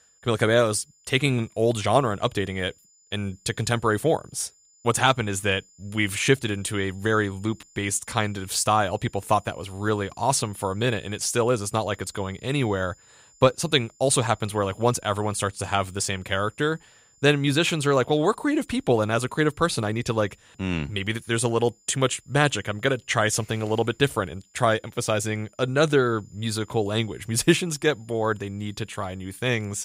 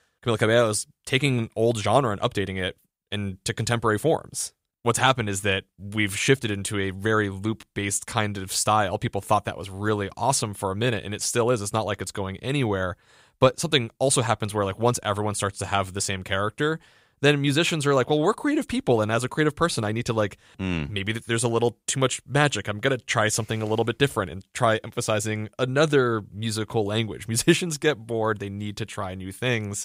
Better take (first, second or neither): second